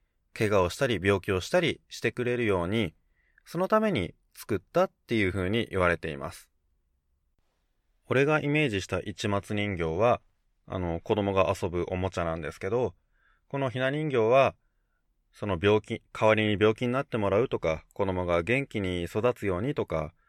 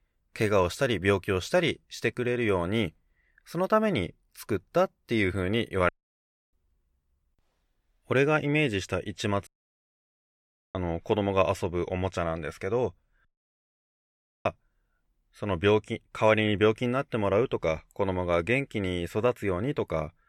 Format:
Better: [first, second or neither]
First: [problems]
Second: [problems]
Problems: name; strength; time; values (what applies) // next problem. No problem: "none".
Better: first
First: none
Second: audio cutting out; at 6 s for 0.5 s, at 9.5 s for 1.5 s and at 13 s for 1 s